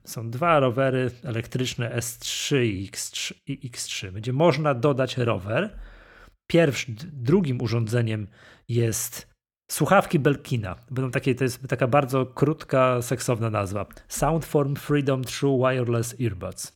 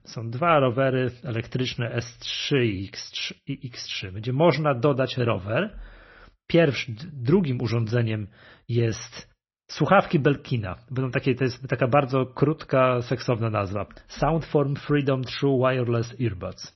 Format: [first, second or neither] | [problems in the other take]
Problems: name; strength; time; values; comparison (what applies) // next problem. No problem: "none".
first | garbled, watery; slightly; nothing above 6 kHz